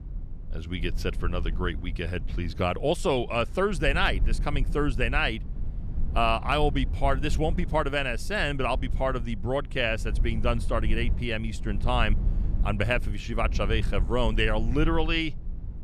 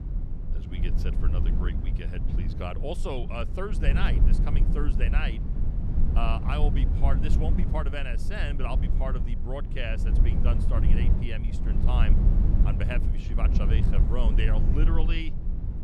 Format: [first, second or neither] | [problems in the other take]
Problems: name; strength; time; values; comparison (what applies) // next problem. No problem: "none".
first | low rumble; loud; throughout; 5 dB below the speech; faint in the first